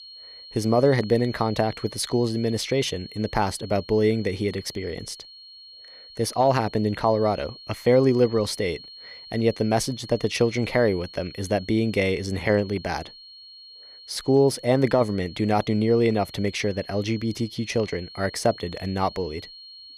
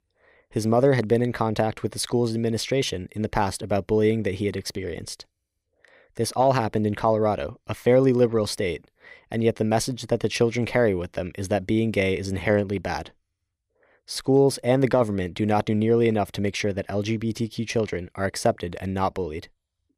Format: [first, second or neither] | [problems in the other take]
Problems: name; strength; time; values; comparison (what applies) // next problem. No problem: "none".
second | high-pitched whine; noticeable; throughout; 4.5 kHz, 15 dB below the speech